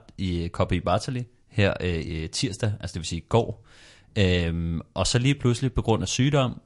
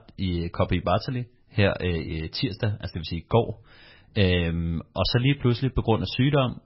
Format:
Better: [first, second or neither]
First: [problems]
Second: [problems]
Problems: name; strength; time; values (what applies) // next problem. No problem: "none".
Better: first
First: garbled, watery; slightly; nothing above 9.5 kHz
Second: garbled, watery; badly; nothing above 5.5 kHz